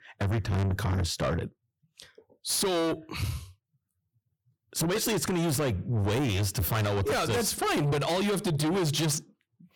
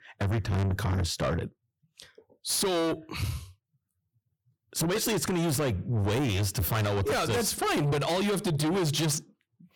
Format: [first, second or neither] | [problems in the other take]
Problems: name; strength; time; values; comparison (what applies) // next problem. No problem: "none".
neither | distortion; heavy; 6 dB below the speech; the same in both